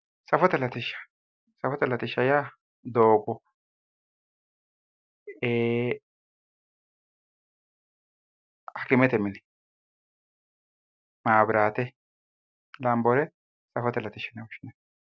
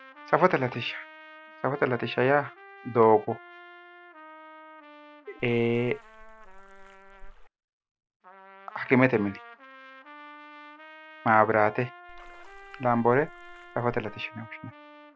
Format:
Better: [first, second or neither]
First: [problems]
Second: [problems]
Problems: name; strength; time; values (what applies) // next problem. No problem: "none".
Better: first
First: none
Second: background sound (Splash, splatter + Trumpet); 19 dB below the speech